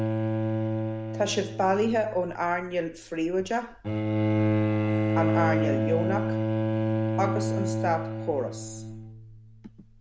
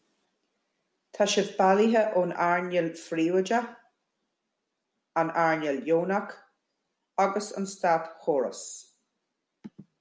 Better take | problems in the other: second | background sound (Bowed string instrument); 3 dB above the speech

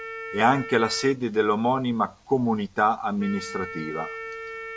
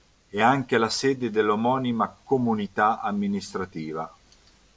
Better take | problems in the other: second | background sound (Wind instrument, woodwind instrument); 13 dB below the speech

